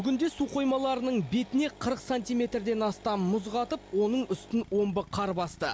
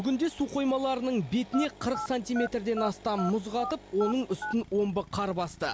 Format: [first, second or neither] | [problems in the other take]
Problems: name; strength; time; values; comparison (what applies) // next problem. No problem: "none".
first | background sound (Telephone); 9 dB below the speech